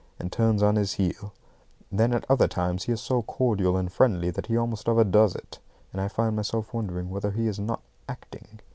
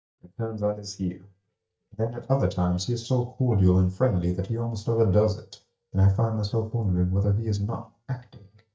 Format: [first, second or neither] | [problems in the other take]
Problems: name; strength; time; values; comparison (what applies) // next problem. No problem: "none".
first | noise reduction (neural mask model DeepFilterNet 3)